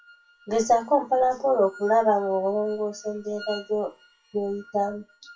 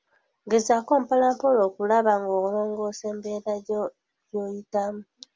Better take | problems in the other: second | noise reduction (classical method WPE with log-MMSE)

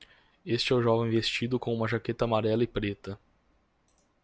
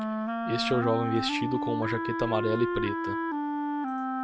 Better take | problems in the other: first | background sound (Wind instrument, woodwind instrument); 1 dB above the speech

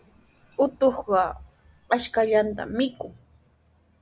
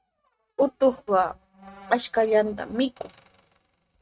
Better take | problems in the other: first | noise reduction (neural mask model RNNoise)

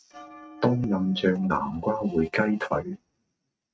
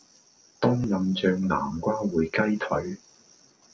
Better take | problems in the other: second | noise reduction (neural mask model RNNoise)

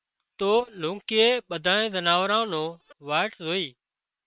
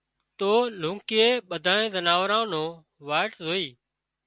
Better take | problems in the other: second | noise reduction (neural separator model SepFormer WHAM!)

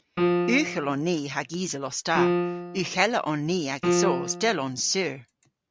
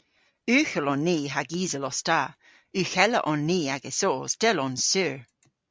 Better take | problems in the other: second | background sound (Piano); 1 dB below the speech

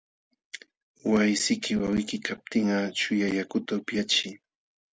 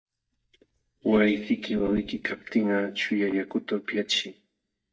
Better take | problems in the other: first | noise reduction (neural mask model DeepFilterNet 3)

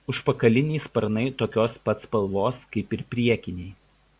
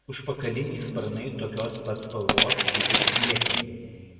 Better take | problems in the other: first | background sound (Coin (dropping)); 4 dB above the speech // room echo; dies away in 2.4 s

